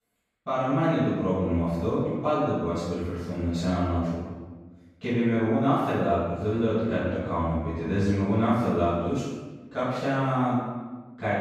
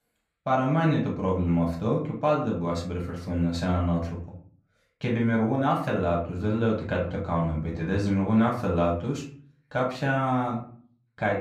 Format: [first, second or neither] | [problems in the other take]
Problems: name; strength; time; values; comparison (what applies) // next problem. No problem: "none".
second | room echo; strong; dies away in 1.1 s; slight in the second // off-mic speech; far; far in the second